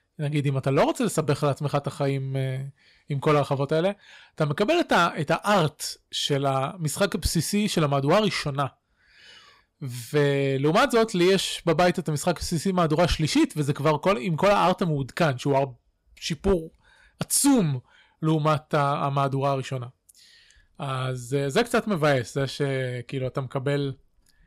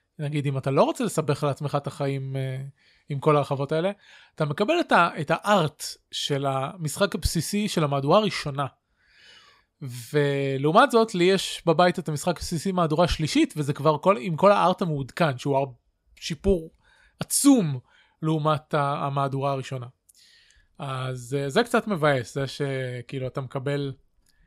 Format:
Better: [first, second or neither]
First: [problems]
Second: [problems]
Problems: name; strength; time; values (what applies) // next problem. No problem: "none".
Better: second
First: distortion; slight; 4% of the sound clipped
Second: none